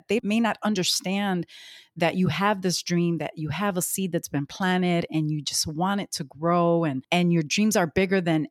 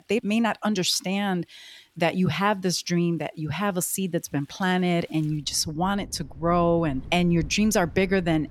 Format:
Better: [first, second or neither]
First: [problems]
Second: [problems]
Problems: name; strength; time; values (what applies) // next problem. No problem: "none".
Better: first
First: none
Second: rain or running water; noticeable; throughout; 20 dB below the speech